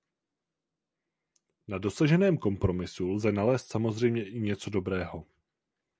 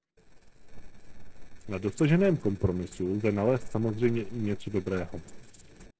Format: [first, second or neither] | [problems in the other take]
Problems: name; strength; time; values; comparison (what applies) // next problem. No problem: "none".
first | noise reduction (neural separator model SepFormer DNS4)